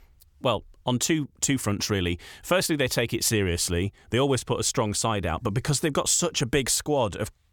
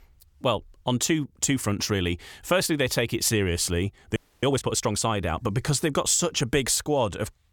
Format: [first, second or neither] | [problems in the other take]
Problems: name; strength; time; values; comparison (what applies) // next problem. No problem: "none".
first | audio freezing; at 4 s